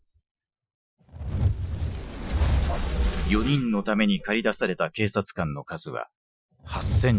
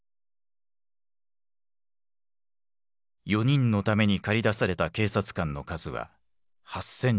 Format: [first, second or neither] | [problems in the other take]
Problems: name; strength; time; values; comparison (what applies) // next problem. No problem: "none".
second | noise reduction (classical method Wiener filter)